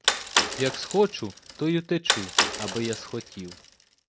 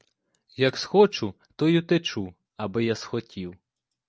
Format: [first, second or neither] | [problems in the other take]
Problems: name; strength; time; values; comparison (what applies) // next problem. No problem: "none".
second | background sound (Bicycle); as loud as the speech